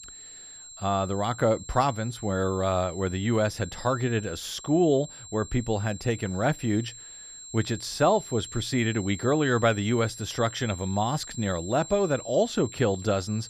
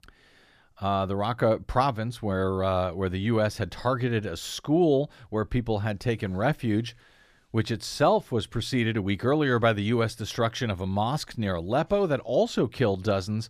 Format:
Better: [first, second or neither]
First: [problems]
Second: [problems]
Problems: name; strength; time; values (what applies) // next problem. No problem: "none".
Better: second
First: high-pitched whine; noticeable; throughout; 7.5 kHz, 15 dB below the speech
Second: none